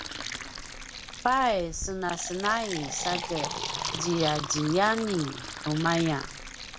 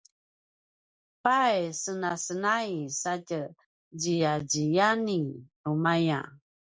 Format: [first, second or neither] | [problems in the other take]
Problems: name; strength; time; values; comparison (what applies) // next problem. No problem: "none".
second | background sound (Fill (with liquid)); 7 dB below the speech